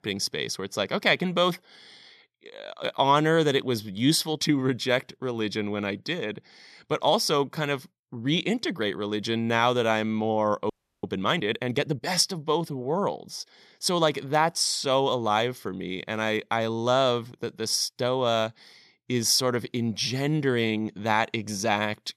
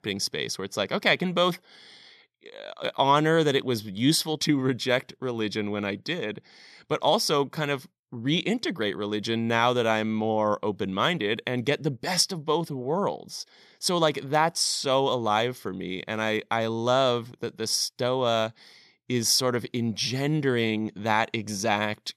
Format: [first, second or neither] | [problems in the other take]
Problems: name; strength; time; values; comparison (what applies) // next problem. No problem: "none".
second | audio freezing; at 11 s